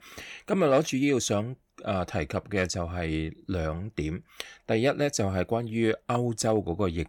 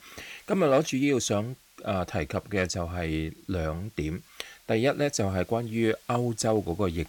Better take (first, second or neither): first